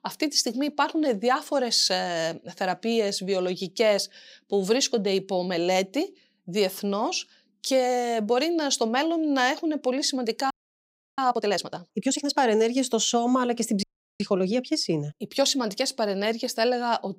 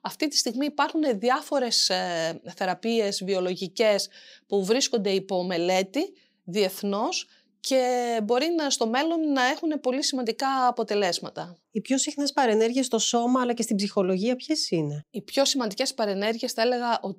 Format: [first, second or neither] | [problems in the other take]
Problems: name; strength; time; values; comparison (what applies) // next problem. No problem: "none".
second | audio freezing; at 11 s for 0.5 s and at 14 s